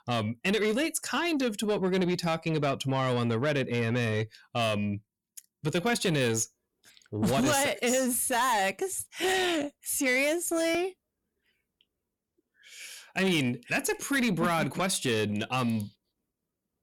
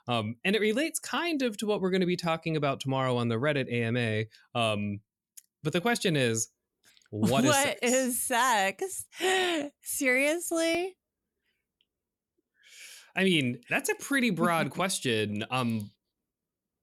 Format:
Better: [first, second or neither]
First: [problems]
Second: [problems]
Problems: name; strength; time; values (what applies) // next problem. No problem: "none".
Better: second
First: distortion; slight; 10 dB below the speech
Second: none